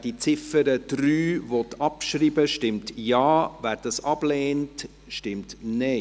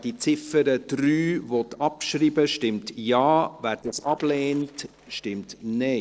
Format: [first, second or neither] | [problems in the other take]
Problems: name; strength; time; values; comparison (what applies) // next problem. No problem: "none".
first | noise reduction (neural separator model SepFormer DNS4)